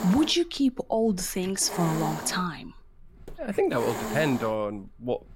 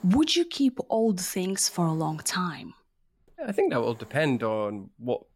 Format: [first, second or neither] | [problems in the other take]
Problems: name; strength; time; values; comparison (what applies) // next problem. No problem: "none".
second | hiss; loud; throughout; 9 dB below the speech; faint in the second